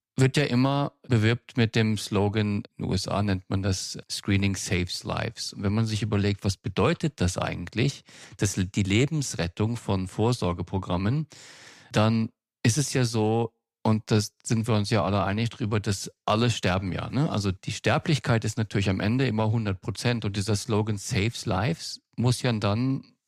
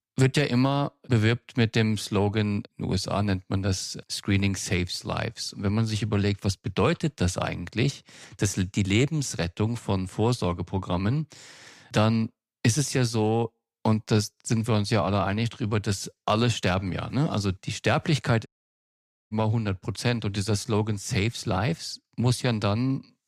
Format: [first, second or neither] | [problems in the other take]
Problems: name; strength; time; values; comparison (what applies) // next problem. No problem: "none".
first | audio cutting out; at 18 s for 1 s